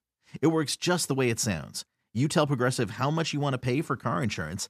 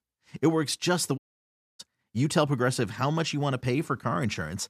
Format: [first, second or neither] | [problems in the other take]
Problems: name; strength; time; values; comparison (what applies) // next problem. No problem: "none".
first | audio cutting out; at 1 s for 0.5 s